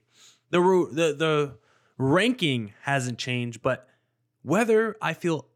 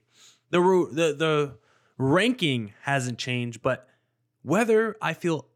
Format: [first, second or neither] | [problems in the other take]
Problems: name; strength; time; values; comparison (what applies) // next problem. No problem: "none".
neither | none